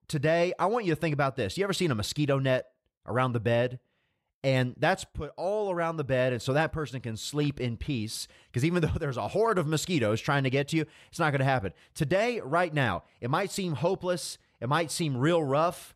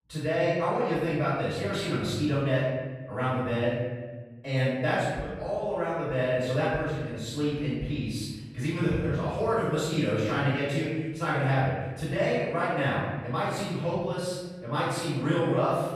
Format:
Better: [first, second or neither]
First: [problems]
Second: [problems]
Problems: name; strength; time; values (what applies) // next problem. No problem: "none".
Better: first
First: none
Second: room echo; strong; dies away in 1.3 s // off-mic speech; far